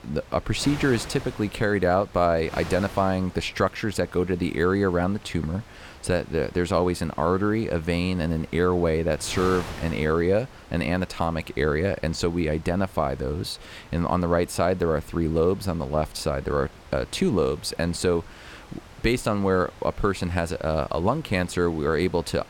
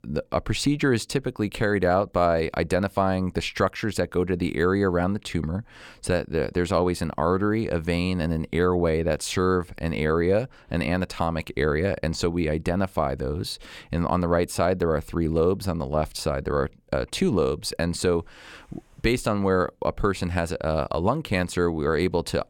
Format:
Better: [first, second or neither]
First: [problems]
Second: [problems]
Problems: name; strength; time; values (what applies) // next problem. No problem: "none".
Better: second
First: wind noise on the microphone; occasional gusts; 20 dB below the speech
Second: none